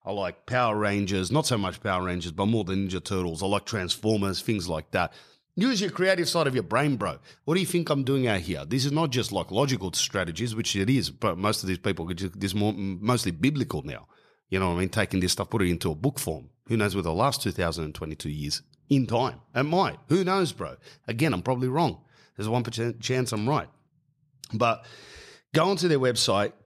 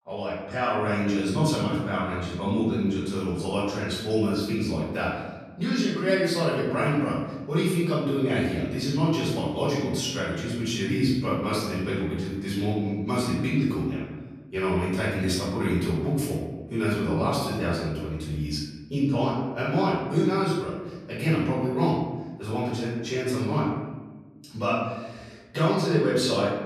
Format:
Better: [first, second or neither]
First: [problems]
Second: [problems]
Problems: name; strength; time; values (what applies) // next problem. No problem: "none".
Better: first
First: none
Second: room echo; noticeable; dies away in 1.2 s // off-mic speech; far